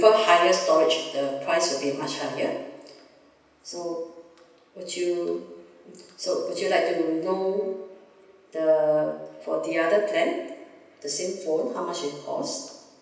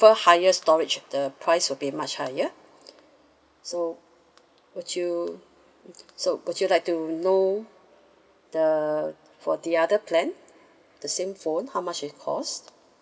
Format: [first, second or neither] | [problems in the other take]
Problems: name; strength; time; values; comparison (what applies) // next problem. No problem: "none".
second | room echo; dies away in 0.9 s